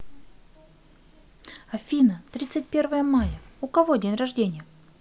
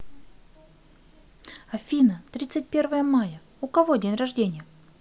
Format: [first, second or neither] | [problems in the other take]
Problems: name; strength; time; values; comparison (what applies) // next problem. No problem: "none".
second | background sound (Breathing); 15 dB below the speech